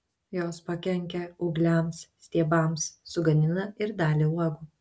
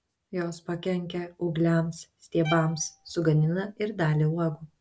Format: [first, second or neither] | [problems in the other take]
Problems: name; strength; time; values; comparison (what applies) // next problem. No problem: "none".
first | background sound (Bowed string instrument); 18 dB below the speech